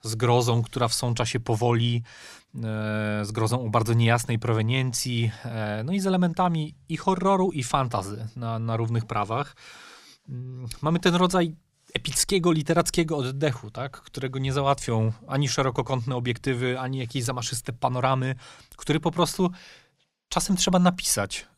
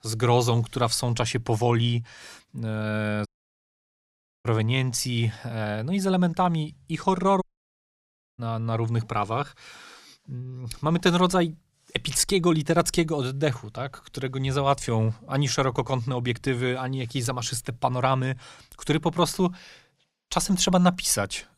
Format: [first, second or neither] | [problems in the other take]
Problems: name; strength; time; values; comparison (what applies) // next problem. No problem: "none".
first | audio cutting out; at 3.5 s for 1 s and at 7.5 s for 1 s